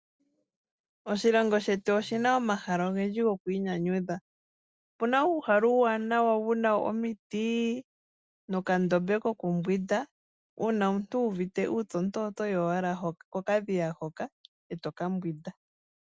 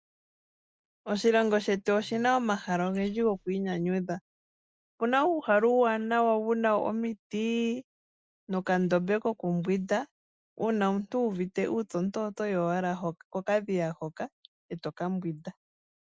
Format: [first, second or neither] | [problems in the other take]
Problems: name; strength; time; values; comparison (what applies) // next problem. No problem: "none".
first | noise reduction (neural mask model Resemble Enhance denoiser)